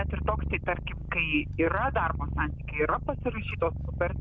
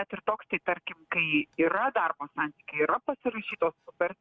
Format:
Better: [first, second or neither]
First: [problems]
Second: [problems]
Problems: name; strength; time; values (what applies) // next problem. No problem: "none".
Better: second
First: background sound (Purr); 3 dB below the speech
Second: none